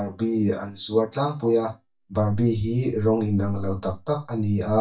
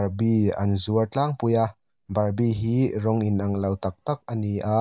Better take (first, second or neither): second